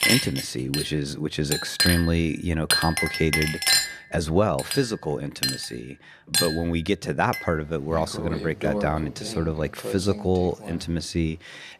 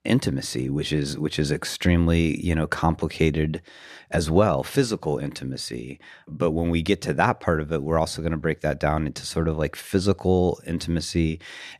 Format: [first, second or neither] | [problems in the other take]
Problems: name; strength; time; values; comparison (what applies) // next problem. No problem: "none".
second | household noises; very loud; throughout; as loud as the speech